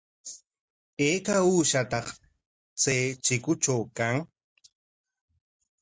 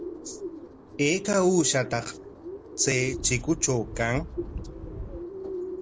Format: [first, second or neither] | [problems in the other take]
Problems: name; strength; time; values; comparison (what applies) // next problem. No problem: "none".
first | background sound (Wind + Bird); 9 dB below the speech